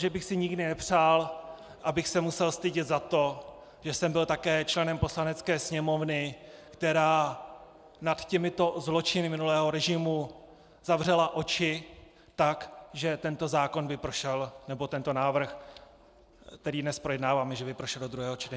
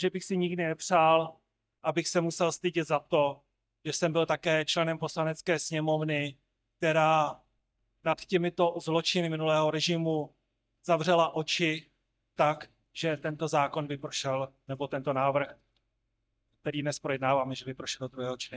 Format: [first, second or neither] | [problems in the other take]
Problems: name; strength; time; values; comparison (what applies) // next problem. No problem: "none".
first | noise reduction (neural mask model DeepFilterNet 3)